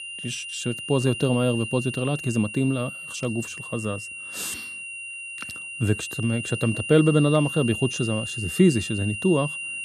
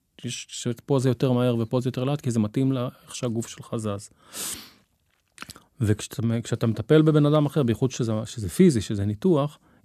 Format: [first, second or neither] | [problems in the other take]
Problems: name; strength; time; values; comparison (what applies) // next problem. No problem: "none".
second | high-pitched whine; loud; throughout; 3 kHz, 7 dB below the speech